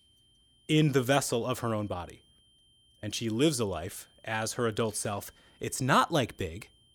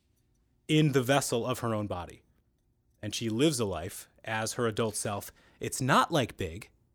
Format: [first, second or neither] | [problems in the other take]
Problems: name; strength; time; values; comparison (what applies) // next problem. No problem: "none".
second | high-pitched whine; faint; throughout; 3 kHz, 35 dB below the speech